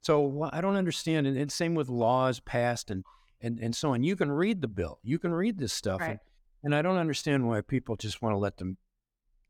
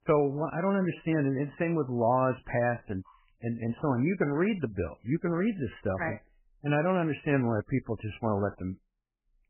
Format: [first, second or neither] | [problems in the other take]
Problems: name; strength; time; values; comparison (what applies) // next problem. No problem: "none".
first | garbled, watery; badly; nothing above 3 kHz